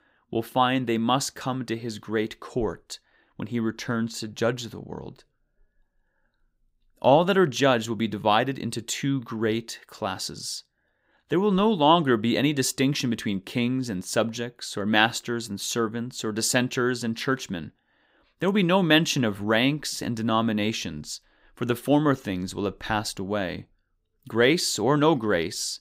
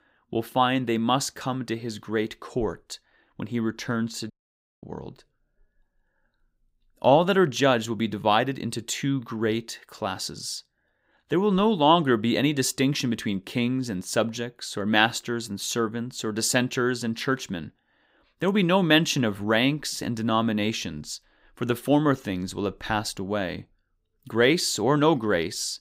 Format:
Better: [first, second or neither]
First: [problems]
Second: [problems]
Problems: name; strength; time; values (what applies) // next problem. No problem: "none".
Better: first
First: none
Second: audio cutting out; at 4.5 s for 0.5 s